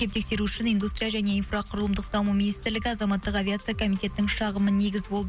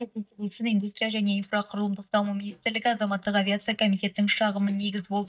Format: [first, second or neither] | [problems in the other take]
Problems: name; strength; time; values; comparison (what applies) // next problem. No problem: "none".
first | noise reduction (neural mask model DeepFilterNet 3)